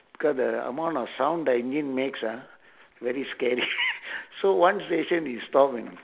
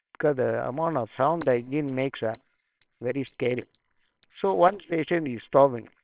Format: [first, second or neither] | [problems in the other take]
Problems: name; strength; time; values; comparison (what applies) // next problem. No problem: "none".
first | noise reduction (neural separator model SepFormer WHAMR!)